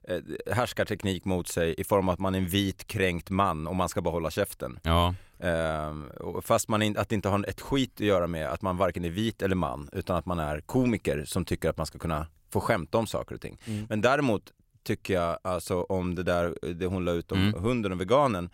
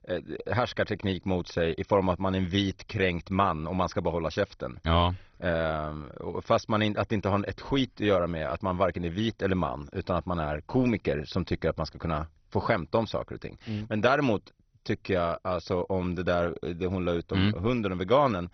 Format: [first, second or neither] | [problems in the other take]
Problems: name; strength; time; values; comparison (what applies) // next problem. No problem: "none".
first | garbled, watery; badly; nothing above 6 kHz